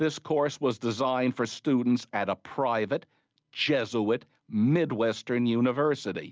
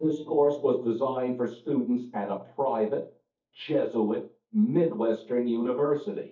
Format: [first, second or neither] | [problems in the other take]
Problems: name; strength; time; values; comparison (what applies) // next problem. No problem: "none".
first | noise reduction (neural mask model DeepFilterNet 3)